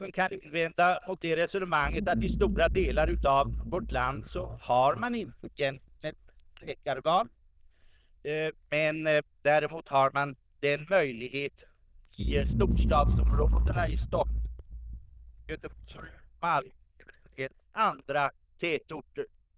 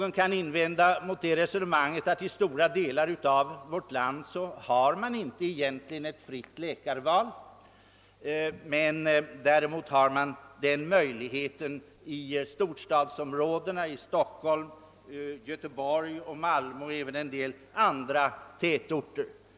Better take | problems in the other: second | noise reduction (neural diffusion model UNIVERSE++)

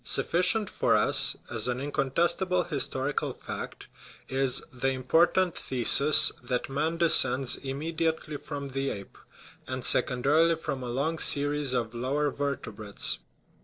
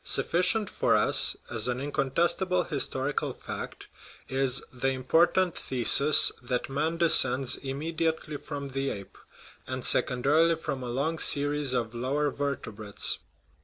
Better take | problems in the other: second | noise reduction (neural separator model SepFormer DNS4)

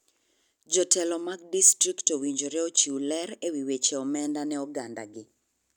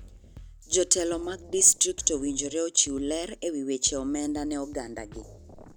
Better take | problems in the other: first | background sound (Drum kit); 19 dB below the speech

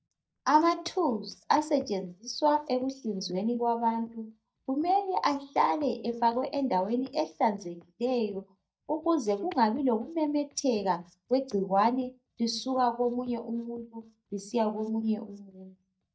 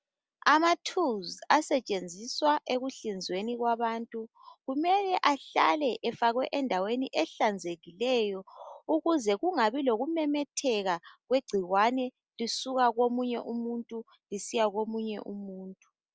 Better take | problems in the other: second | noise reduction (neural mask model DeepFilterNet 3)

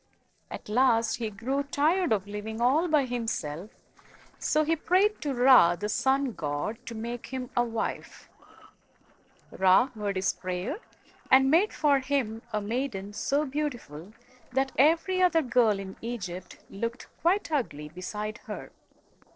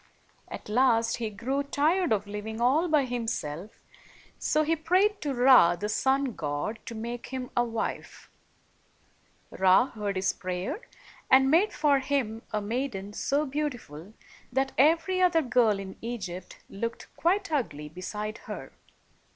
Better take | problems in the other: second | noise reduction (neural separator model SepFormer DNS4)

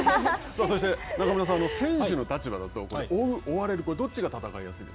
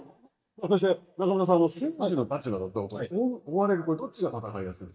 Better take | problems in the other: first | noise reduction (neural mask model DeepFilterNet 3)

